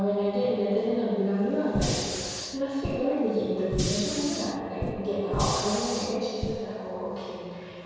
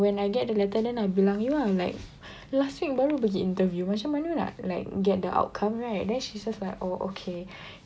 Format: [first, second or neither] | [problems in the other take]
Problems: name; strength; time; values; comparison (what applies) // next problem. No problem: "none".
second | background sound (Fire); 5 dB below the speech // room echo; dies away in 1.9 s